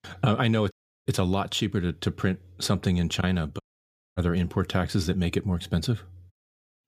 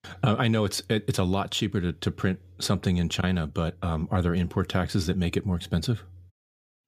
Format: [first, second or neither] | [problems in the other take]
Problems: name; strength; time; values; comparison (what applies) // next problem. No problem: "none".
second | audio cutting out; at 0.5 s and at 3.5 s for 0.5 s